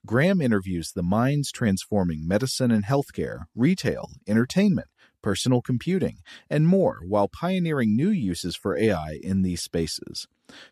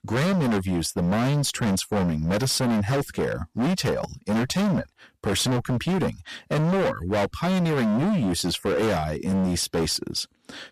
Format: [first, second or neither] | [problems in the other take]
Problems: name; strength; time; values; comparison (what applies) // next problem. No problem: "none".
first | distortion; heavy; 32% of the sound clipped